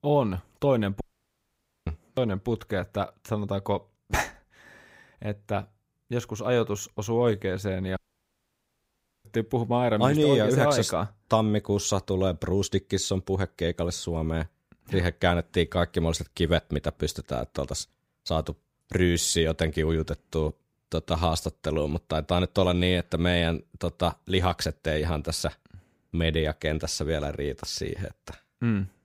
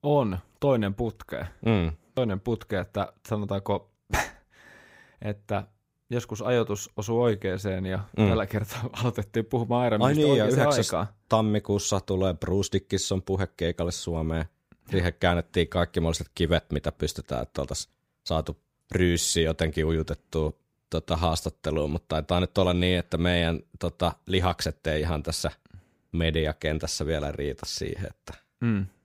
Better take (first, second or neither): second